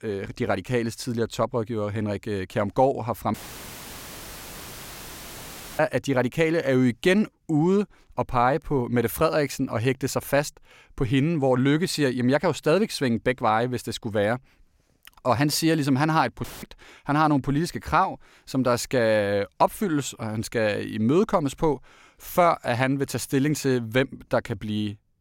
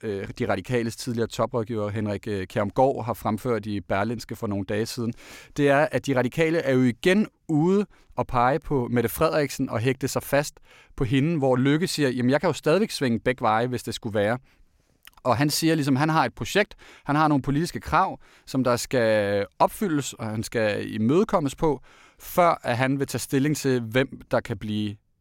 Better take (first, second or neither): second